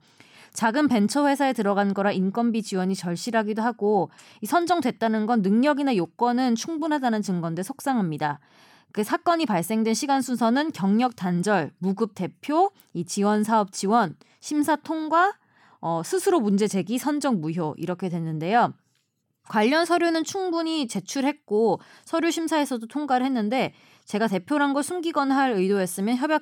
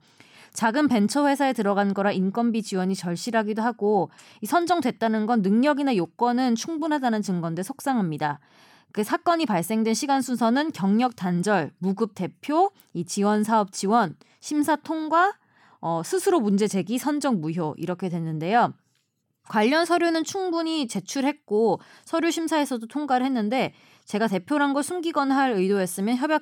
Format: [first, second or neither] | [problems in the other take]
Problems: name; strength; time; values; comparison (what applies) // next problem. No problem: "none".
neither | none